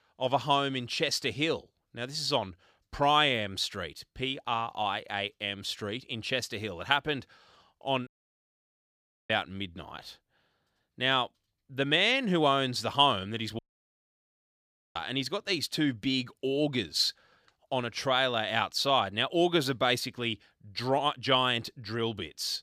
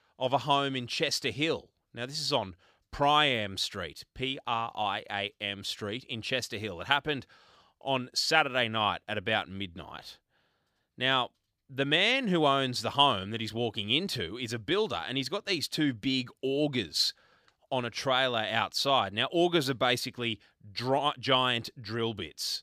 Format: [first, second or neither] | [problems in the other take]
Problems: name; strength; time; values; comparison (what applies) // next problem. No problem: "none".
second | audio cutting out; at 8 s for 1 s and at 14 s for 1.5 s